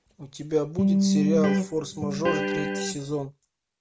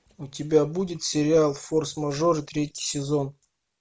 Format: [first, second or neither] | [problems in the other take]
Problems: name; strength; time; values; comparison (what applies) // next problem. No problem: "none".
second | background sound (Electric guitar); 5 dB above the speech